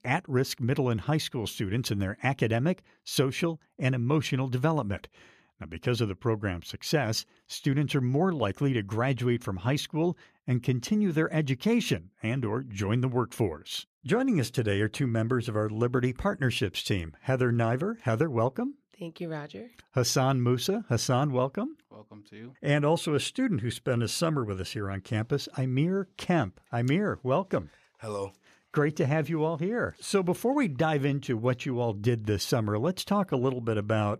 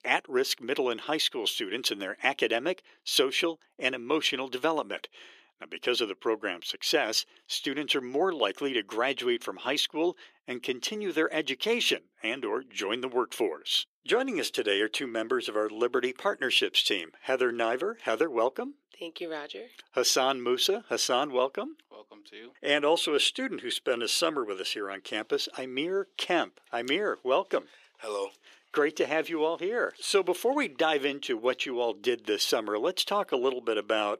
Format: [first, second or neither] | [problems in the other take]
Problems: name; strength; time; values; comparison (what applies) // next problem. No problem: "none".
first | thin; somewhat; fading below 350 Hz